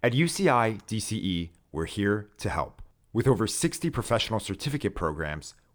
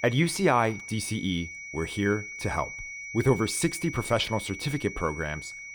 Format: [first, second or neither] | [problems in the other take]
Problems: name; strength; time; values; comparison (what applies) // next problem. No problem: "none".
first | high-pitched whine; loud; throughout; 2 kHz, 10 dB below the speech